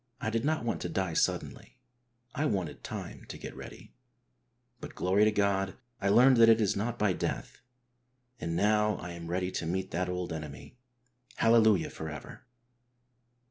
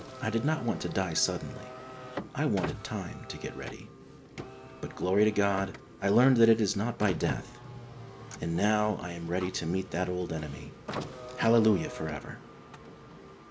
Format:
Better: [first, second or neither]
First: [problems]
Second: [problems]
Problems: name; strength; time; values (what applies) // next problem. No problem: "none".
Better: first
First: none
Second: background sound (Car); 13 dB below the speech